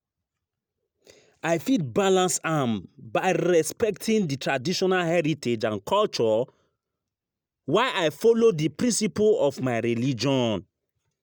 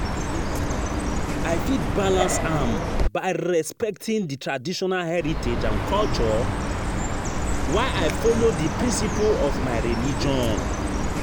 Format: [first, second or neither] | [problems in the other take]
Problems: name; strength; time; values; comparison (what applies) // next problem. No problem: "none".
first | background sound (Chirp, tweet); 1 dB above the speech